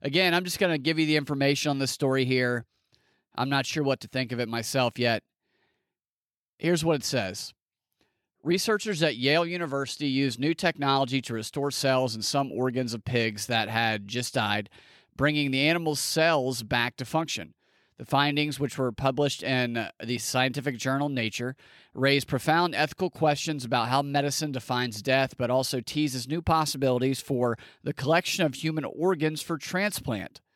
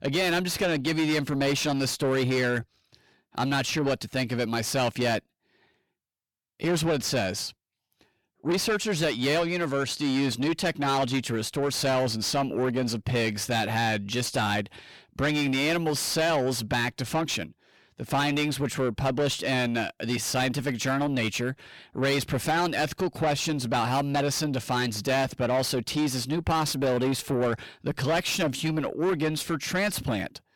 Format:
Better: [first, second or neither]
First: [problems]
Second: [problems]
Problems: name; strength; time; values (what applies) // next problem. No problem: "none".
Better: first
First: none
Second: distortion; heavy; 7 dB below the speech